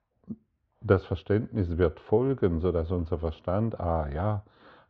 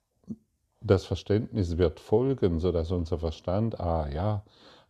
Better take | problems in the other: second | muffled; slightly; fading above 2.5 kHz

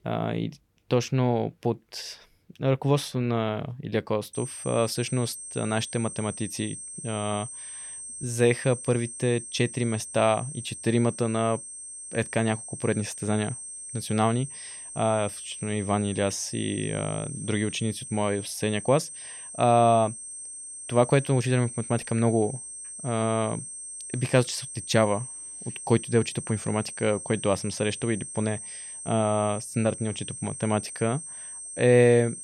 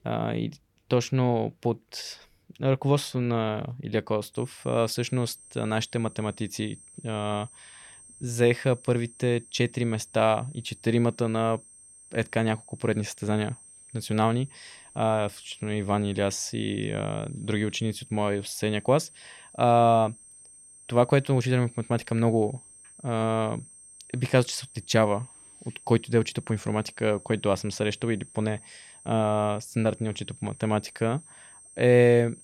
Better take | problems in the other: second | high-pitched whine; loud; from 4.5 s on; 8.5 kHz, 10 dB below the speech; faint in the second

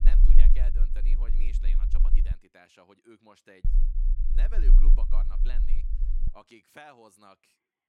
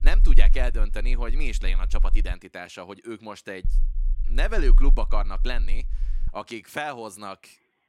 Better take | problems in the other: second | low rumble; loud; until 2.5 s and from 3.5 to 6.5 s; 4 dB below the speech; faint in the second

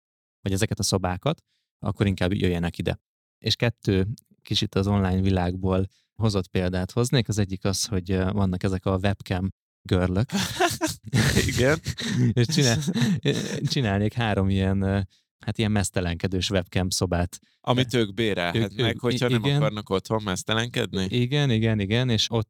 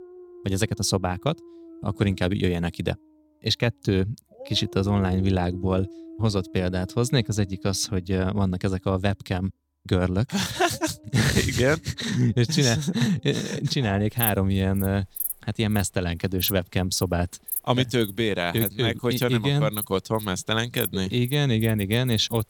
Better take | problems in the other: first | animal sounds; noticeable; throughout; 10 dB below the speech

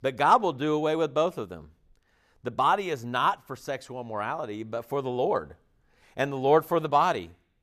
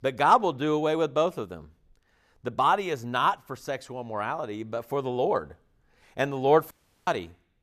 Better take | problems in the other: first | audio cutting out; at 6.5 s

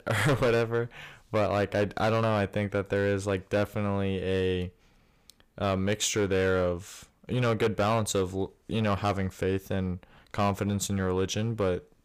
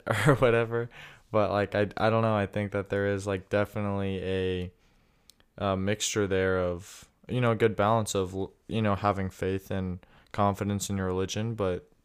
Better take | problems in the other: second | distortion; slight; 7% of the sound clipped

